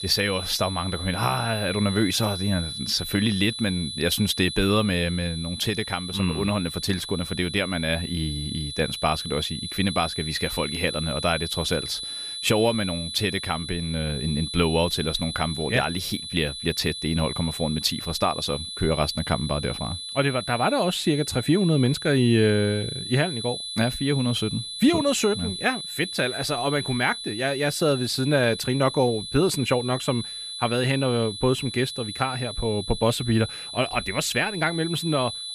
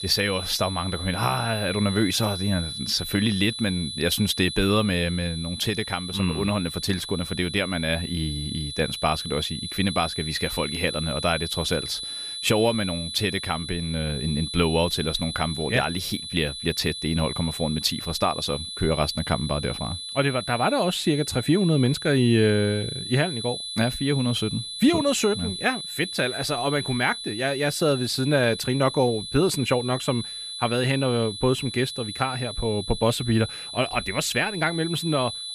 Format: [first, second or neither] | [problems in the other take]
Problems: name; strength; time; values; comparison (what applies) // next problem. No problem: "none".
neither | high-pitched whine; loud; throughout; 4 kHz, 7 dB below the speech; the same in both